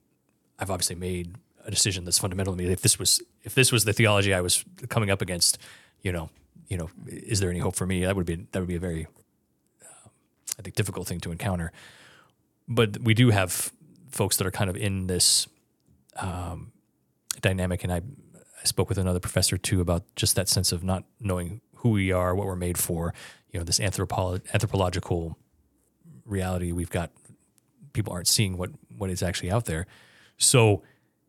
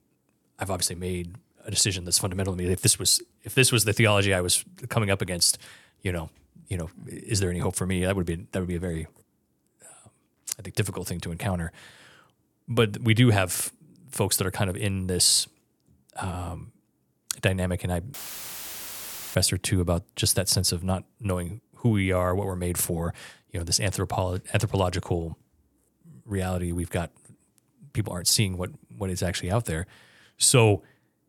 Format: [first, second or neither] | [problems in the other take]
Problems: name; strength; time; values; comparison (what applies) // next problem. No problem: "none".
first | audio cutting out; filled with static; at 18 s for 1 s